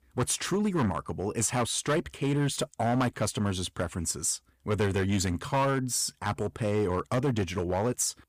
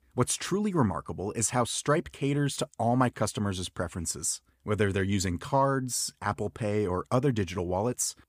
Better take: second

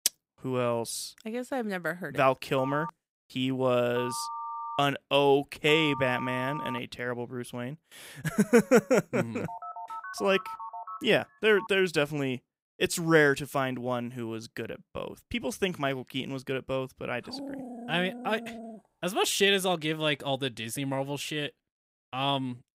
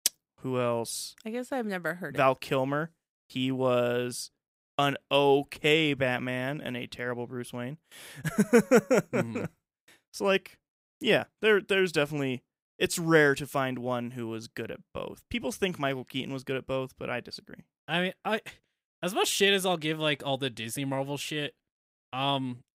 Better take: second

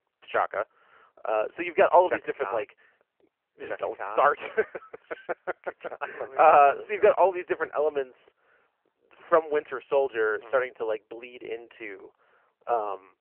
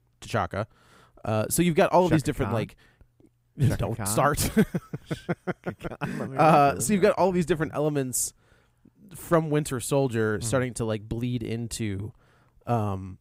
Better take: second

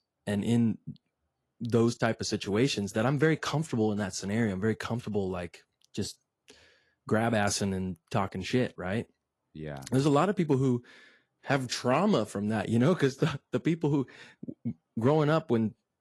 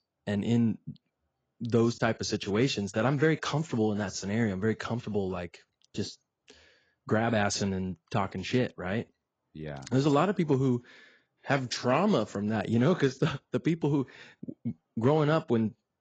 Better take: first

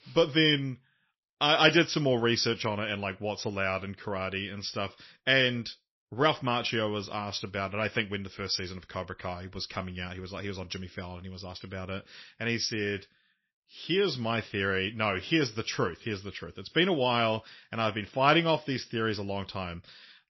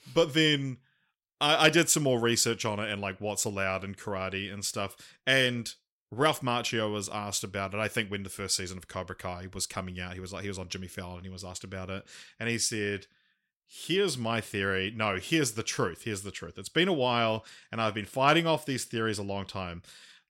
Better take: second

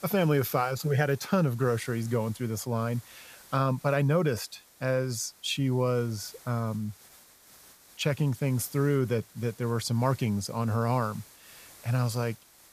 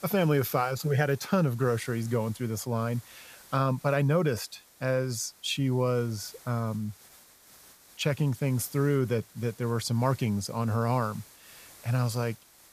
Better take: neither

